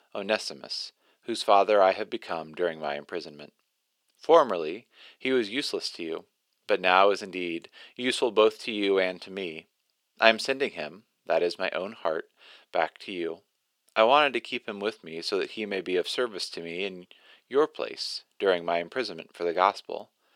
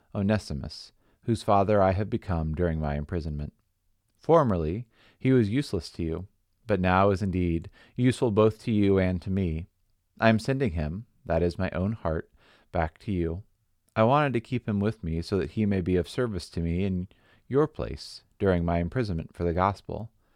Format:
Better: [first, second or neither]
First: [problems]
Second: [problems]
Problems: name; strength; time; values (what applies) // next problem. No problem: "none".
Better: second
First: thin; very; fading below 400 Hz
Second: none